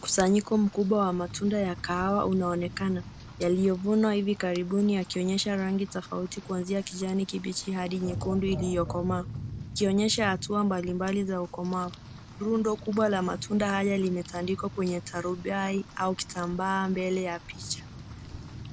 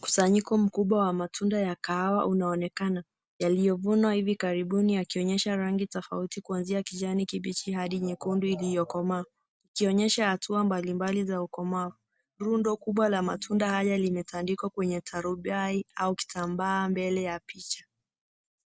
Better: second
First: background sound (Rain); 14 dB below the speech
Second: none

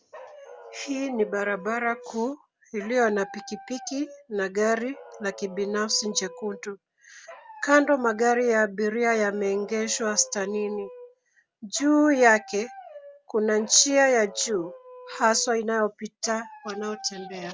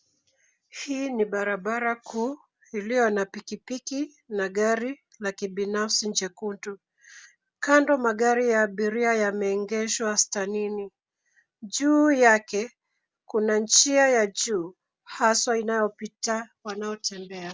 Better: second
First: background sound (Dog); 19 dB below the speech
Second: none

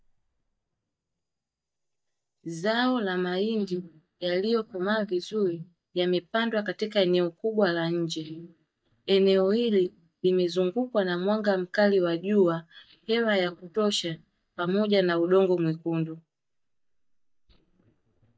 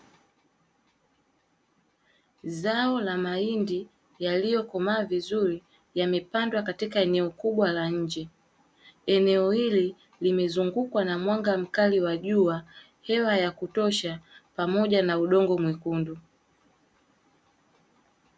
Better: second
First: noise reduction (neural mask model DeepFilterNet 3)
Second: none

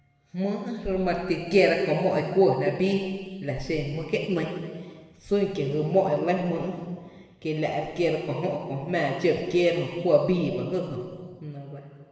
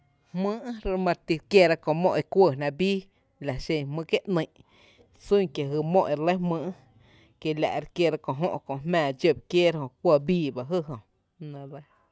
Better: second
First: room echo; dies away in 1.6 s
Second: none

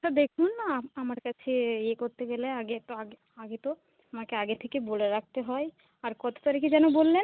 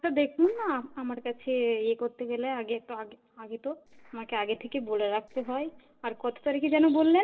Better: first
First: none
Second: noise reduction (neural separator model SepFormer DNS4)

